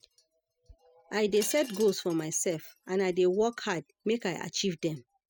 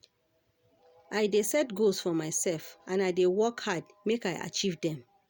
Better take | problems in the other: second | noise reduction (classical method spectral subtraction)

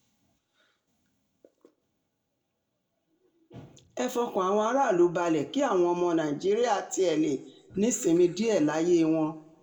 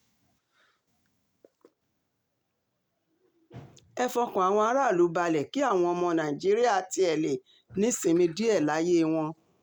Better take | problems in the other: second | room echo; dies away in 0.6 s

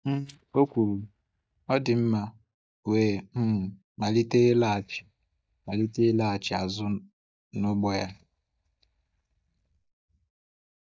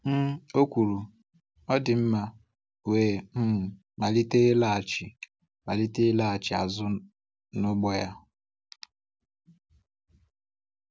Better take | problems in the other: second | noise reduction (neural mask model DeepFilterNet 3)

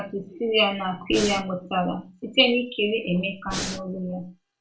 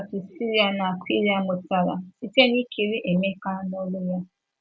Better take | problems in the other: second | background sound (Breathing); 5 dB below the speech // room echo; dies away in 0.3 s

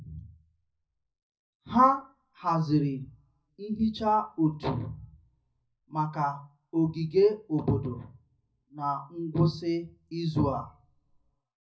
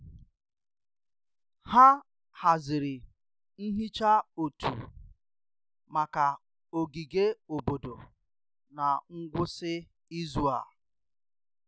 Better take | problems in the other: second | room echo; dies away in 0.4 s

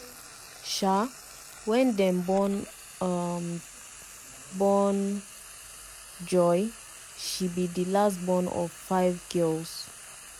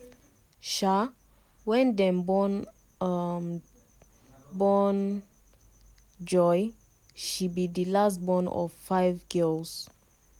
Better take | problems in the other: second | background sound (Frying (food)); 17 dB below the speech

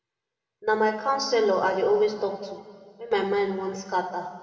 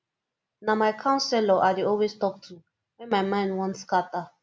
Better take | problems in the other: second | room echo; dies away in 1.9 s

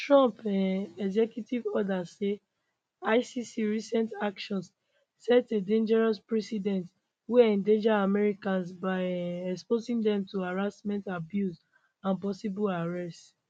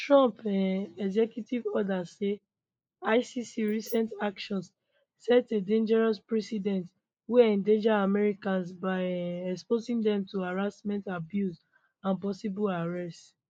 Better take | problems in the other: first | noise reduction (neural mask model Resemble Enhance denoiser)

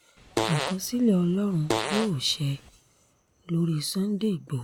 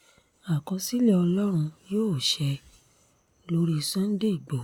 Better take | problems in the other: second | background sound (Fart); 5 dB below the speech

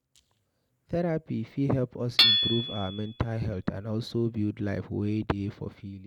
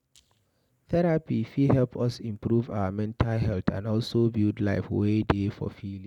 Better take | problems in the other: second | background sound (Hammer / Chink, clink); 1 dB above the speech

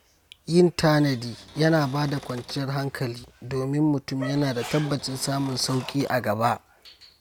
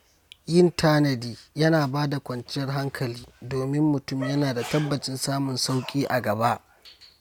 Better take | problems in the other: second | background sound (Cupboard open or close / Door); 20 dB below the speech

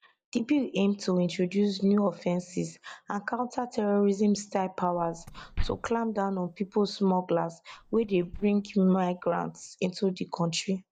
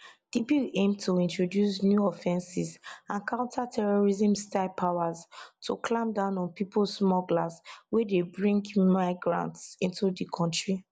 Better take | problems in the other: second | noise reduction (neural mask model DeepFilterNet 3)

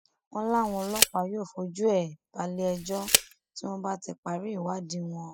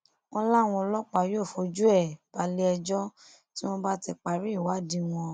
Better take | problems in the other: second | noise reduction (classical method spectral subtraction)

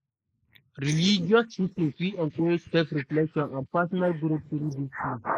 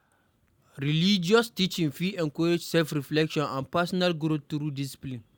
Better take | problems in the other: second | noise reduction (neural mask model Resemble Enhance denoiser)

